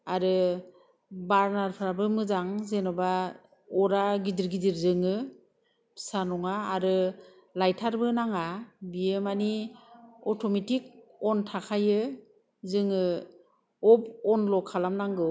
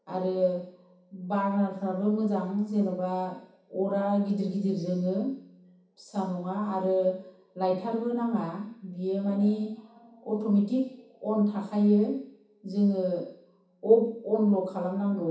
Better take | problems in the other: first | room echo; dies away in 0.7 s

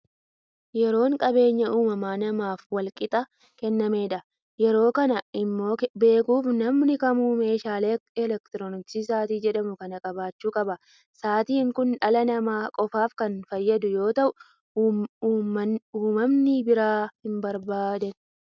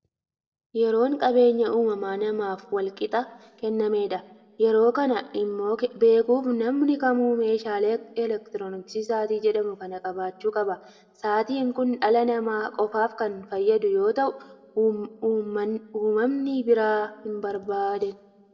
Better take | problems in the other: first | room echo; dies away in 1.3 s

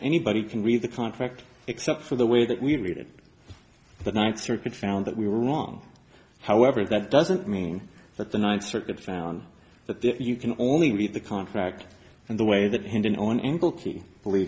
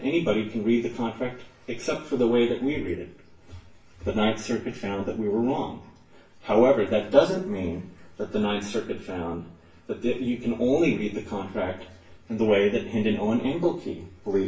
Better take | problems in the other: first | room echo; dies away in 0.3 s

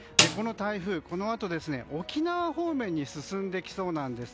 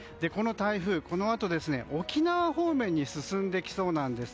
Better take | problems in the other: second | background sound (Snare drum); 2 dB above the speech

